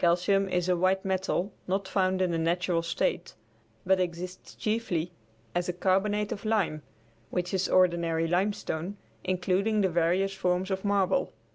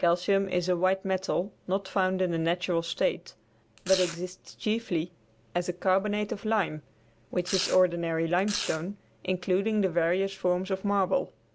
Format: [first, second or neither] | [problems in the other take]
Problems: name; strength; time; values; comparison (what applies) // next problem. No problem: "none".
first | background sound (Domestic sounds, home sounds); 9 dB below the speech